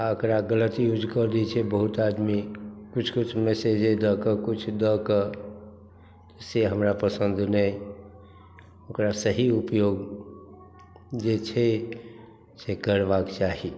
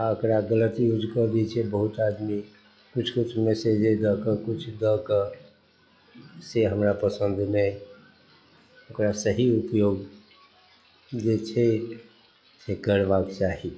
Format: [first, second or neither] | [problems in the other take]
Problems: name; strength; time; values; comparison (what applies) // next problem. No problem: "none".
first | noise reduction (classical method log-MMSE)